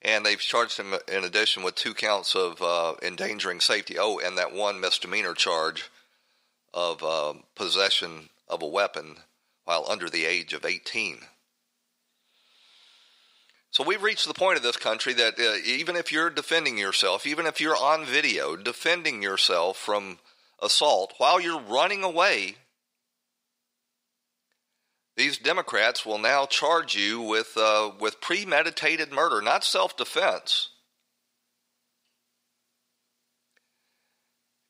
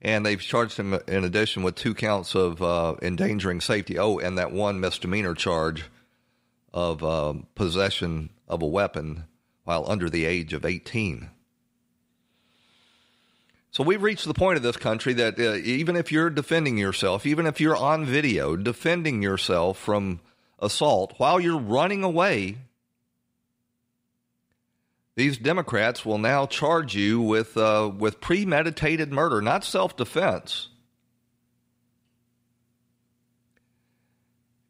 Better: second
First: thin; very; fading below 550 Hz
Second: none

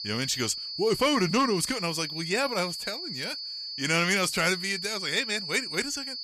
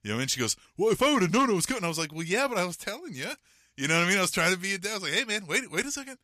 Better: second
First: high-pitched whine; loud; throughout; 4.5 kHz, 6 dB below the speech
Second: none

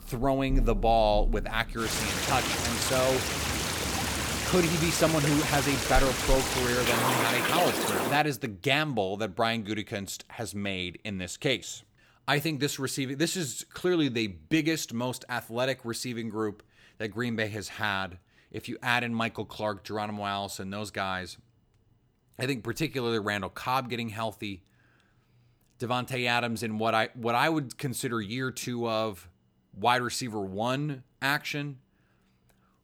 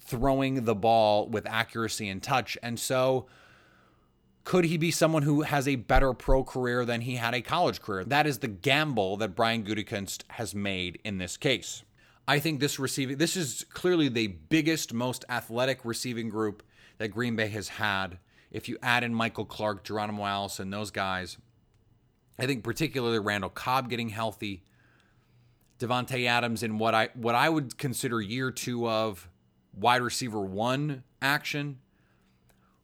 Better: second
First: rain or running water; very loud; until 8 s; 1 dB above the speech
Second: none

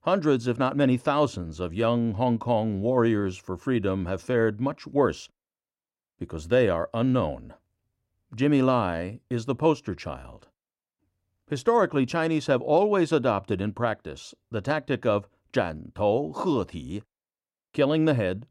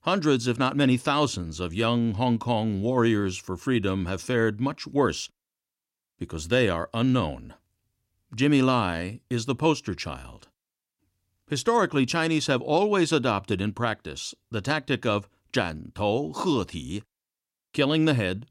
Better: second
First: muffled; slightly; fading above 2.5 kHz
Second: none

